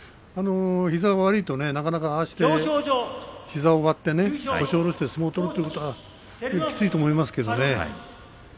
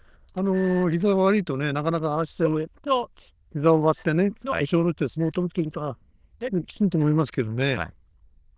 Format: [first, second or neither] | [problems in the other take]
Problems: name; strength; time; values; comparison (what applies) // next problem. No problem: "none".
first | noise reduction (neural diffusion model UNIVERSE++)